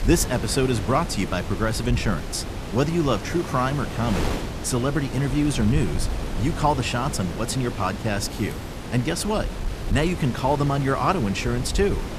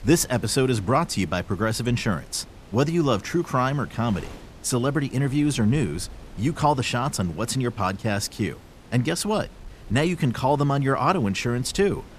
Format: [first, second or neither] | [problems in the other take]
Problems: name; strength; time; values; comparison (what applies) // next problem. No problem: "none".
second | wind noise on the microphone; heavy; 9 dB below the speech; occasional gusts in the second